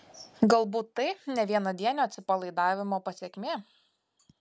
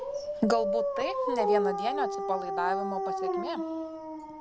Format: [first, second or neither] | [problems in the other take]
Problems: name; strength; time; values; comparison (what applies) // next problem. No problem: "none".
first | background sound (Dog); 2 dB above the speech